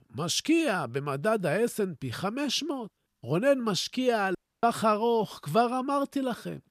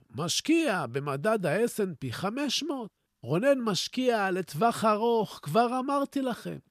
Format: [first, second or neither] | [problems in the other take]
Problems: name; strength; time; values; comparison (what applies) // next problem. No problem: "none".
second | audio cutting out; at 4.5 s